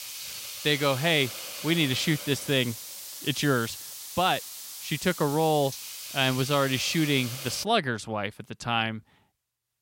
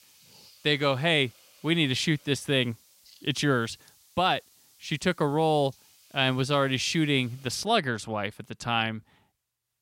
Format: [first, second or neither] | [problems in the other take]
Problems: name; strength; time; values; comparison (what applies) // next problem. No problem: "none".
second | hiss; loud; until 7.5 s; 9 dB below the speech; faint in the second